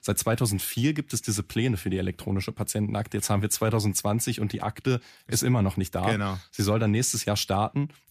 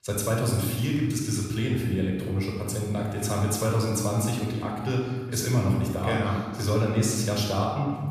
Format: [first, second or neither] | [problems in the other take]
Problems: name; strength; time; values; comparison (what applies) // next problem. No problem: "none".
first | off-mic speech; somewhat distant // room echo; noticeable; dies away in 1.4 s